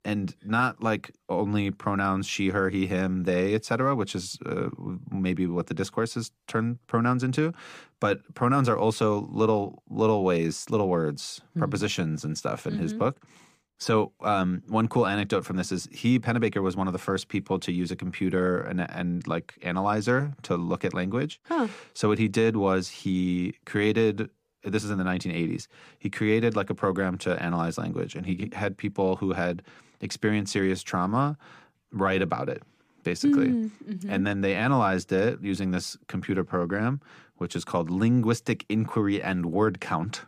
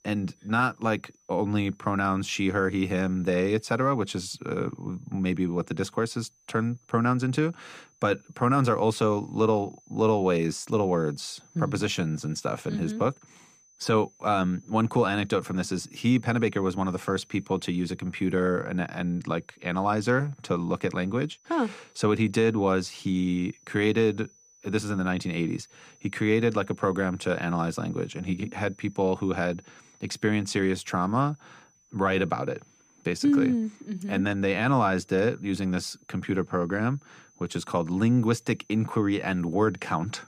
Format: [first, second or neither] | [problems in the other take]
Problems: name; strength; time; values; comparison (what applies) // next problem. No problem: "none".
first | high-pitched whine; faint; throughout; 6 kHz, 30 dB below the speech